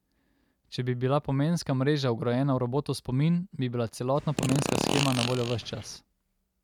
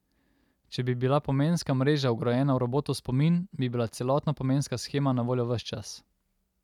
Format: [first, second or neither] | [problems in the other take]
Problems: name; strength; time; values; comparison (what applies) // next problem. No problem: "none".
second | background sound (Fart); 3 dB below the speech